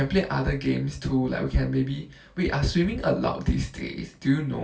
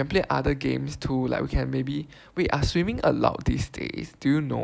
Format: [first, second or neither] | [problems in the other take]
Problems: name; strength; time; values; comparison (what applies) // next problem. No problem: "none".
second | room echo; dies away in 0.2 s